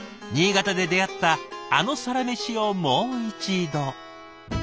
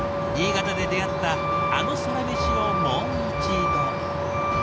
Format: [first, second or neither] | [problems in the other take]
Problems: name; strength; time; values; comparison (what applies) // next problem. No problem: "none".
first | background sound (Truck); 5 dB above the speech